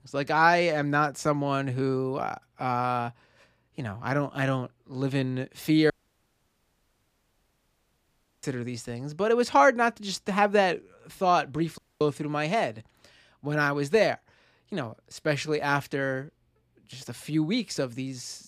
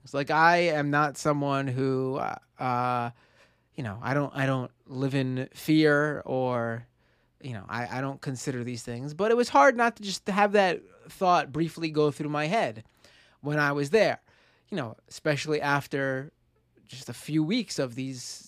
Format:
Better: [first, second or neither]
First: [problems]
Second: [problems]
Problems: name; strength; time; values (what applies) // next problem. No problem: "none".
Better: second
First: audio cutting out; at 6 s for 2.5 s and at 12 s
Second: none